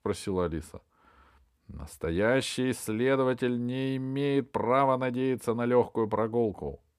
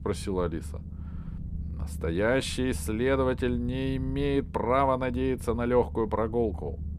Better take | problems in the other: first | low rumble; faint; throughout; 25 dB below the speech

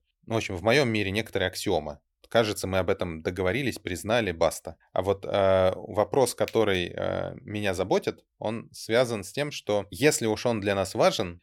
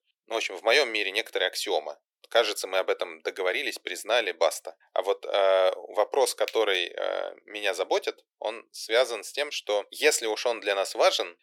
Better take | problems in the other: first | thin; very; fading below 400 Hz

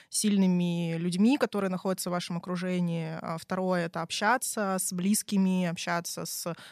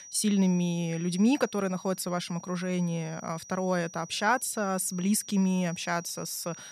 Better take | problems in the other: first | high-pitched whine; noticeable; throughout; 5.5 kHz, 15 dB below the speech

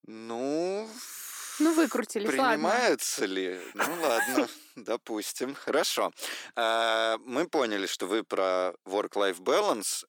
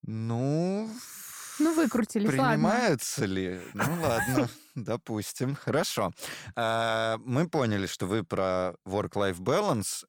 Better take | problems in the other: second | thin; somewhat; fading below 300 Hz

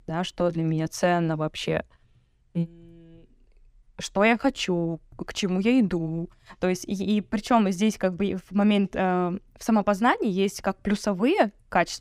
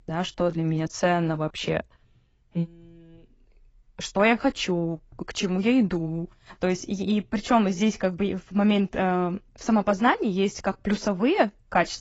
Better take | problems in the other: first | garbled, watery; badly; nothing above 7.5 kHz

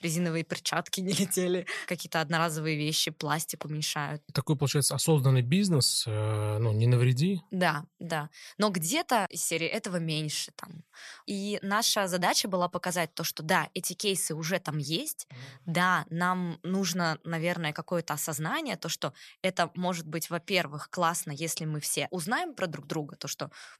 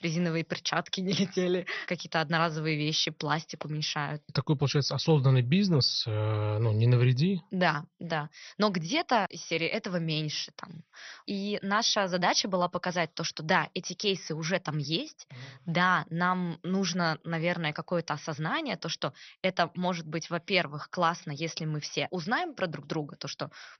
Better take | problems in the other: first | garbled, watery; slightly; nothing above 6 kHz

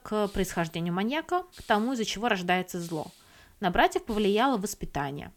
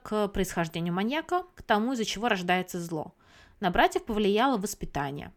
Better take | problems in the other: second | hiss; faint; throughout; 25 dB below the speech

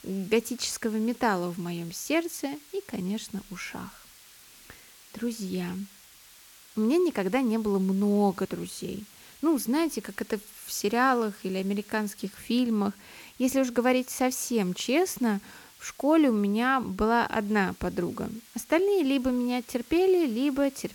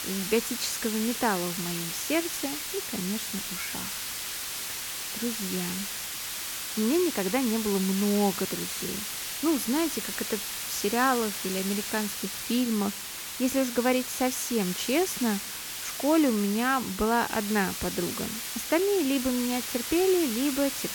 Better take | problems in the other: first | hiss; loud; throughout; 4 dB below the speech; faint in the first

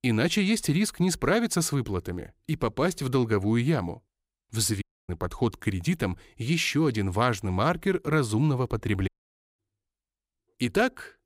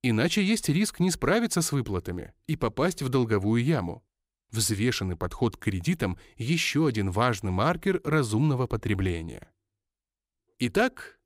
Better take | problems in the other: second | audio cutting out; at 5 s and at 9 s for 0.5 s

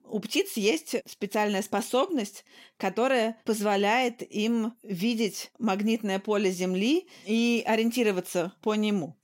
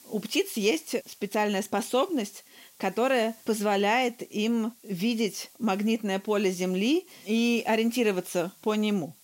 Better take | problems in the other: first | hiss; faint; throughout; 25 dB below the speech

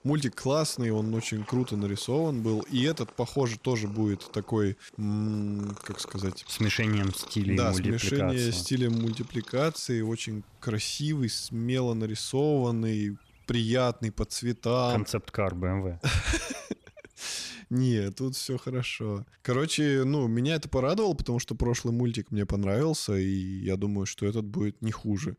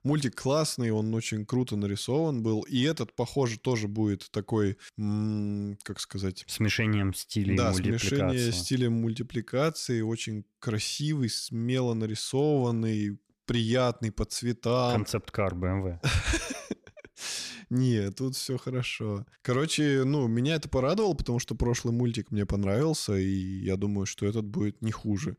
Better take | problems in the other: second | animal sounds; noticeable; throughout; 20 dB below the speech

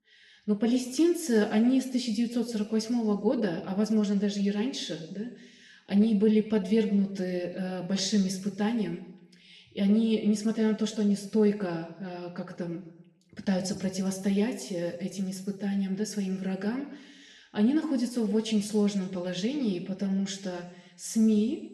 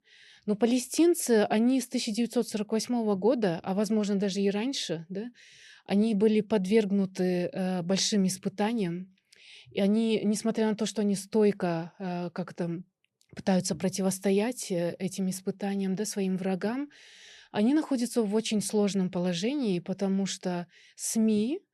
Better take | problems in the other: second | room echo; slight; dies away in 0.8 s // off-mic speech; somewhat distant

